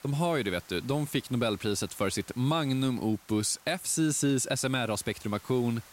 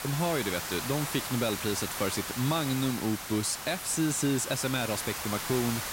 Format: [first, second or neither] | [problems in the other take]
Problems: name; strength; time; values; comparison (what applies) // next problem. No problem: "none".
first | hiss; loud; throughout; 4 dB below the speech; faint in the first